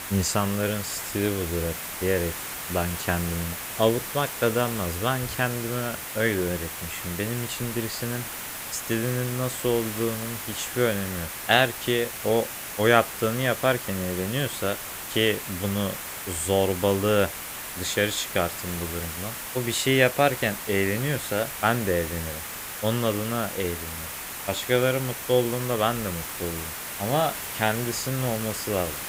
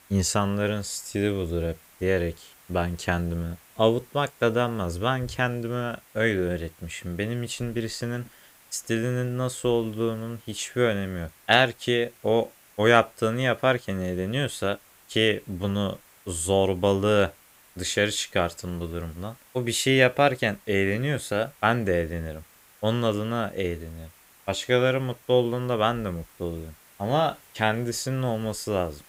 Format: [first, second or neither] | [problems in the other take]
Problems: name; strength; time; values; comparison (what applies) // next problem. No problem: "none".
second | hiss; loud; throughout; 6 dB below the speech; faint in the second